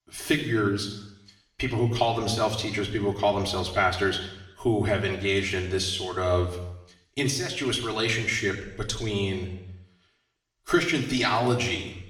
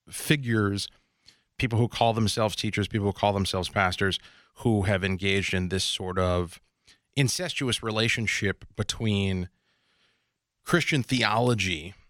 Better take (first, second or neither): second